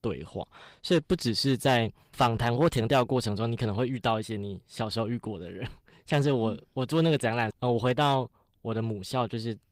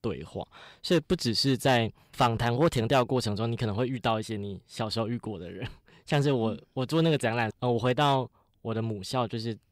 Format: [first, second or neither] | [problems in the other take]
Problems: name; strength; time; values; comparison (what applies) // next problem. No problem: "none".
second | garbled, watery; slightly; nothing above 15.5 kHz